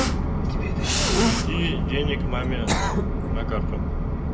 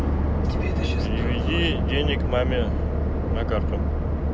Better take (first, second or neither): second